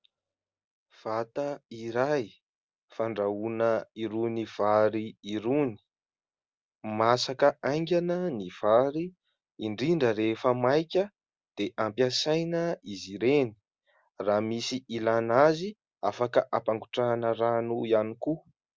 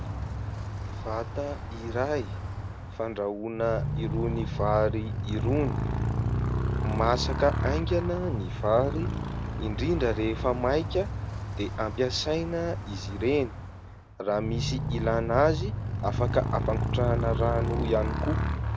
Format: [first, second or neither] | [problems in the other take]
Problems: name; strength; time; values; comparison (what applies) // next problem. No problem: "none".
first | background sound (Motorcycle); as loud as the speech